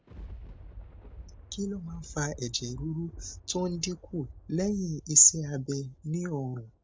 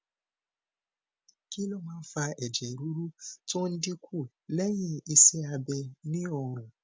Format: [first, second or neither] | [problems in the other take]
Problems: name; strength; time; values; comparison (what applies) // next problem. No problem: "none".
second | background sound (Thunder); 17 dB below the speech